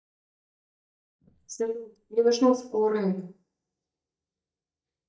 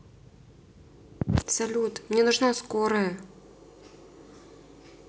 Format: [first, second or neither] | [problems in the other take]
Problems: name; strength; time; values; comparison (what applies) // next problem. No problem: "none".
second | noise reduction (neural mask model DeepFilterNet 3)